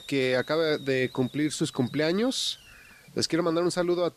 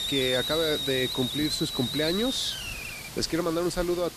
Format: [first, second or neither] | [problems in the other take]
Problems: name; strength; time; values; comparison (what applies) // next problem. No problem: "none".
first | hiss; loud; throughout; 2 dB below the speech; faint in the first